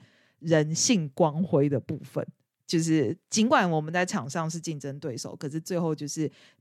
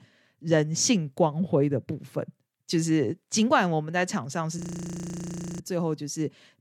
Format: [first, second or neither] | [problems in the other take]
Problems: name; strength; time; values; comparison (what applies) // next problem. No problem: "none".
first | audio freezing; at 4.5 s for 1 s